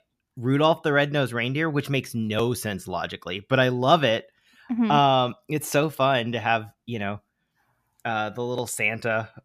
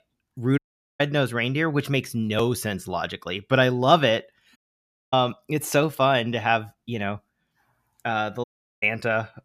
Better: first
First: none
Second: audio cutting out; at 0.5 s, at 4.5 s for 0.5 s and at 8.5 s

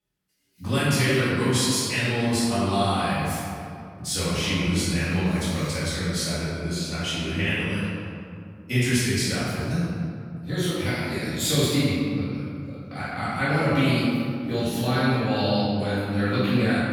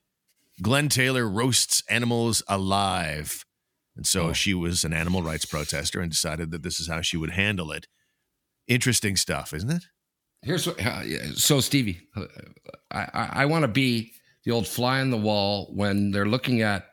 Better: second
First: room echo; strong; dies away in 2.3 s // off-mic speech; far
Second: none

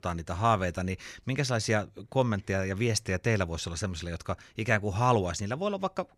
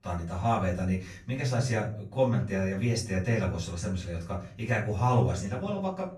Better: first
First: none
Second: off-mic speech; far // room echo; noticeable; dies away in 0.5 s

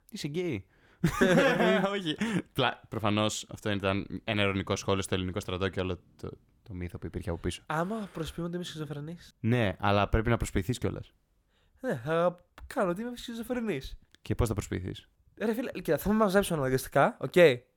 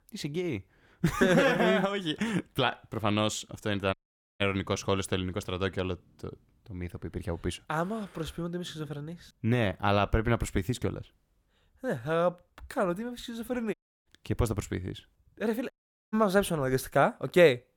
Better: first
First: none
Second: audio cutting out; at 4 s, at 14 s and at 16 s

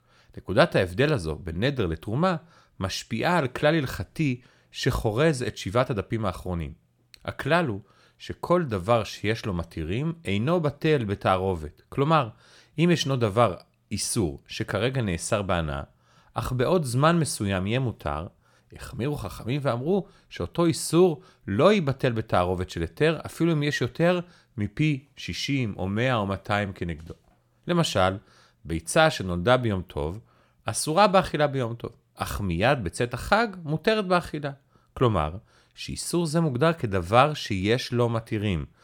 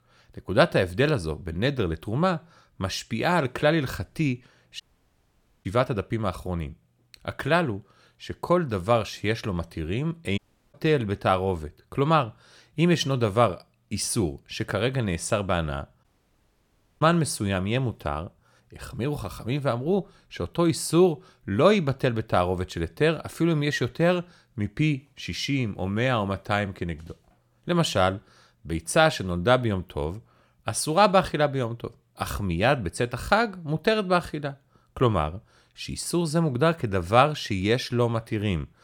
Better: first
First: none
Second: audio cutting out; at 5 s for 1 s, at 10 s and at 16 s for 1 s

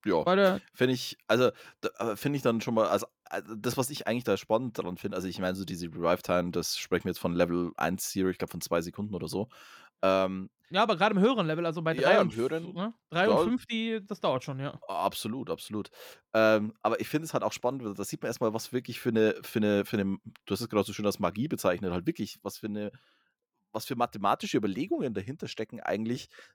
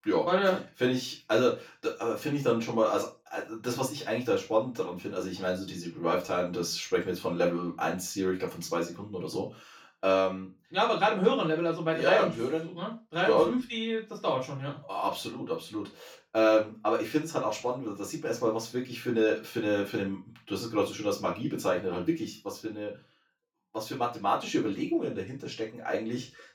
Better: first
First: none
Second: room echo; slight; dies away in 0.2 s // off-mic speech; far

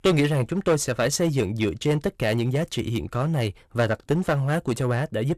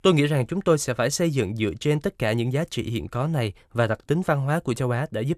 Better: second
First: distortion; slight; 6% of the sound clipped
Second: none

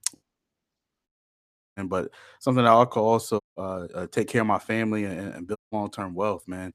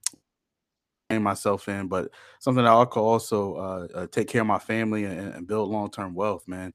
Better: second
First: audio cutting out; at 1 s for 0.5 s, at 3.5 s and at 5.5 s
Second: none

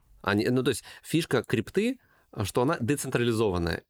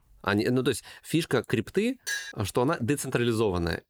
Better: first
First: none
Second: clattering dishes; noticeable; at 2 s; peak 5 dB below the speech

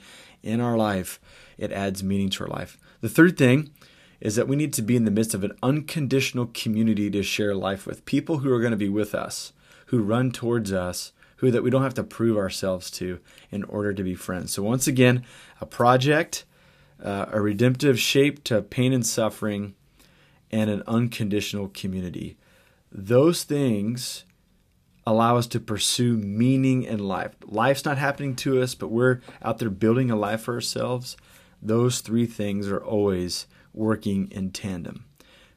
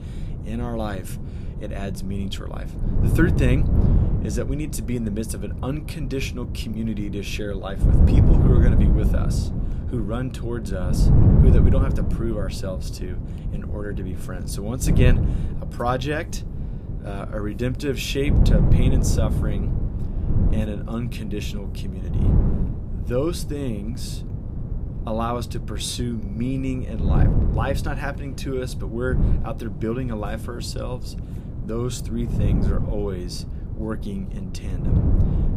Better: first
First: none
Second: wind noise on the microphone; heavy; 5 dB below the speech

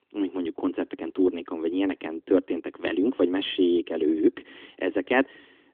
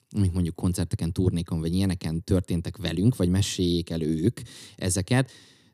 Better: second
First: phone-call audio; nothing above 3.5 kHz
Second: none

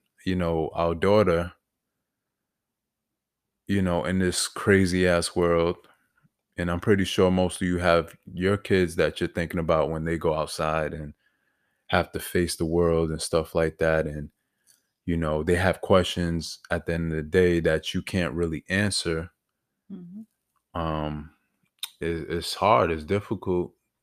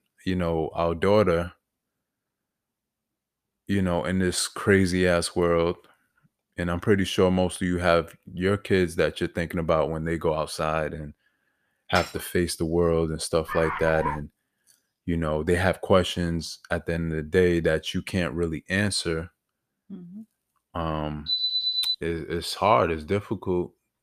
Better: first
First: none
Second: clattering dishes; noticeable; at 12 s; peak 8 dB below the speech // dog barking; noticeable; at 13 s; peak 6 dB below the speech // alarm; loud; at 21 s; peak 3 dB above the speech

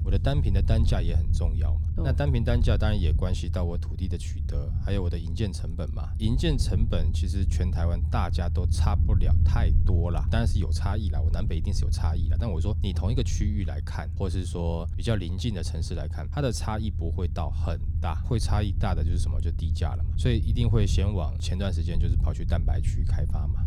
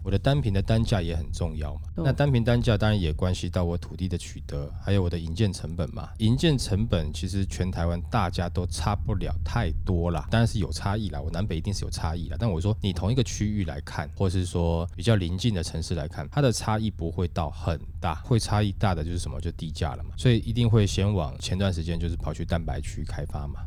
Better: second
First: low rumble; loud; throughout; 9 dB below the speech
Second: low rumble; faint; throughout; 25 dB below the speech

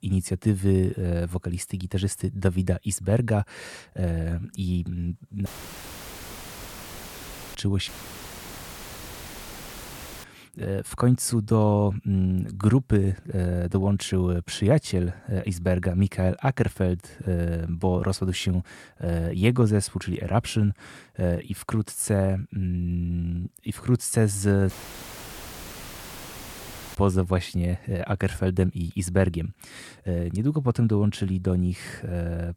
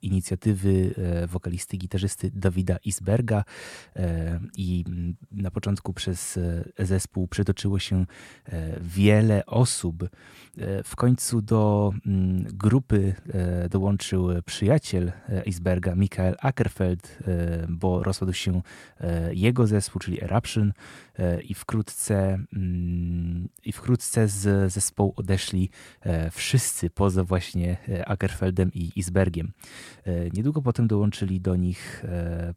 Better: second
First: audio cutting out; filled with static; at 5.5 s for 2 s, at 8 s for 2.5 s and at 25 s for 2.5 s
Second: none

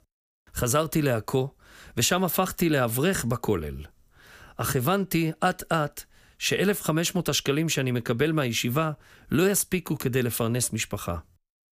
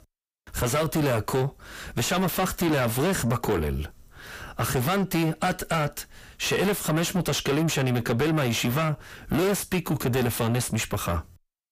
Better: first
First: none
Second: distortion; heavy; 6 dB below the speech

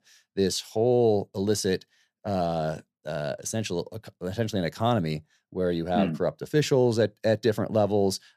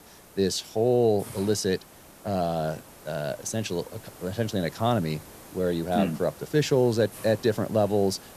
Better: first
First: none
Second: hiss; noticeable; throughout; 20 dB below the speech

